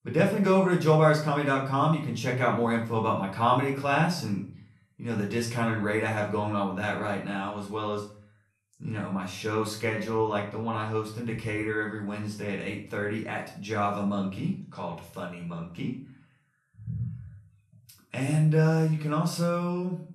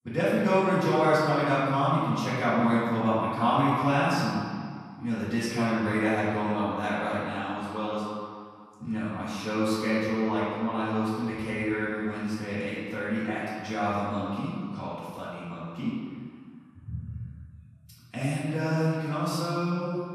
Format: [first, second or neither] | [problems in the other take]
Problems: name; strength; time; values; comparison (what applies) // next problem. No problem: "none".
first | room echo; strong; dies away in 1.9 s; slight in the first // off-mic speech; far; far in the first